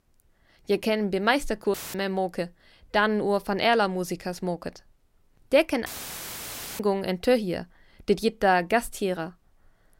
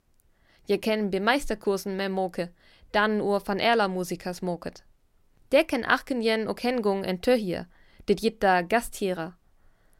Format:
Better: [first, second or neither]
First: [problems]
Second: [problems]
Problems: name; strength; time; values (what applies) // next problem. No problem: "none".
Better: second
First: audio cutting out; filled with static; at 1.5 s and at 6 s for 1 s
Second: none